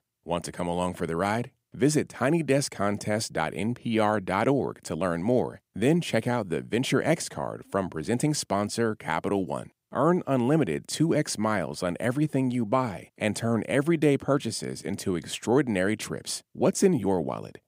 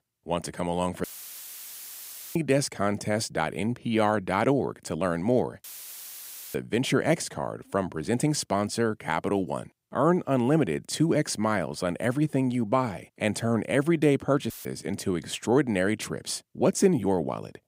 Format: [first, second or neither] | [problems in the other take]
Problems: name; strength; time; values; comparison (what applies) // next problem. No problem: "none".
first | audio cutting out; filled with static; at 1 s for 1.5 s, at 5.5 s for 1 s and at 15 s